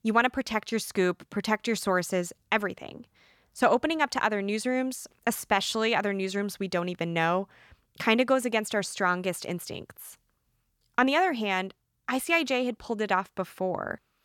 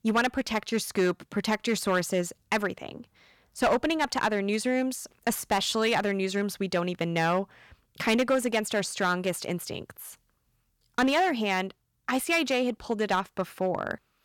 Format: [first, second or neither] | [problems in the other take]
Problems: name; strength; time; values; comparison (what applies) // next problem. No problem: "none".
first | distortion; slight; 4% of the sound clipped